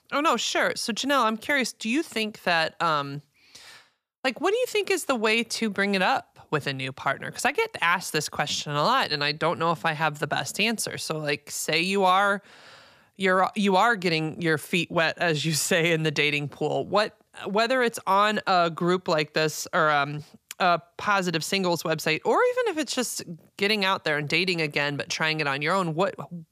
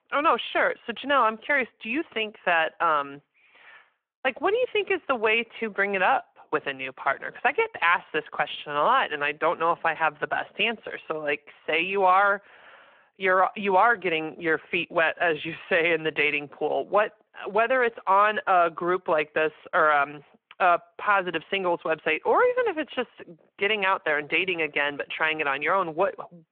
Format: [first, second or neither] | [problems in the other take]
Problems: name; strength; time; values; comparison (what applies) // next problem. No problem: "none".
first | phone-call audio